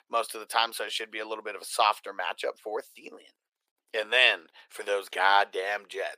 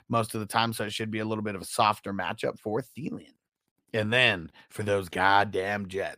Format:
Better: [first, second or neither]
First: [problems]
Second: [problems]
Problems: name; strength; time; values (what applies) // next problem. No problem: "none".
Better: second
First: thin; very; fading below 450 Hz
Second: none